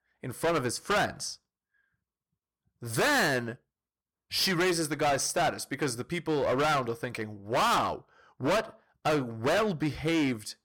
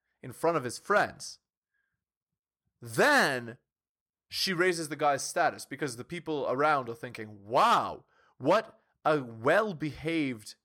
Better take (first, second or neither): second